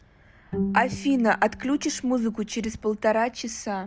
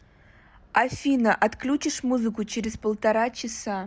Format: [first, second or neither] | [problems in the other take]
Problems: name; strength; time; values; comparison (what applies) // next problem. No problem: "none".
second | background sound (Bowed string instrument); 8 dB below the speech